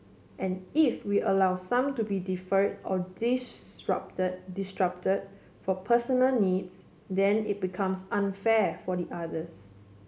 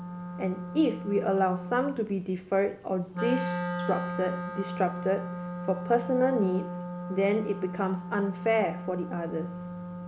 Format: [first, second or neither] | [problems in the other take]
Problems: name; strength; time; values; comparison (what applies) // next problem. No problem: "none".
first | background sound (Wind instrument, woodwind instrument); 7 dB below the speech